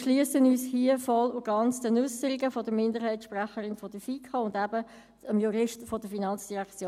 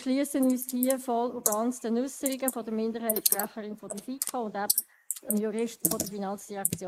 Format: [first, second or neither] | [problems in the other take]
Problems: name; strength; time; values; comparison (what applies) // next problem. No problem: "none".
first | noise reduction (neural mask model Resemble Enhance denoiser)